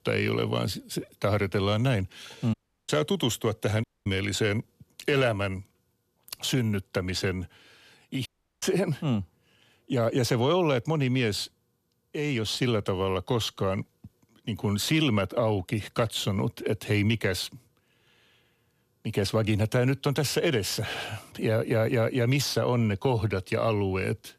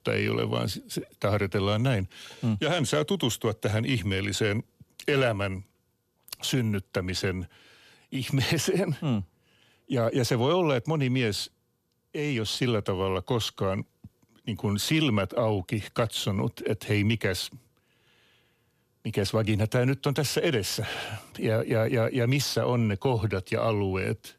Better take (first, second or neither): second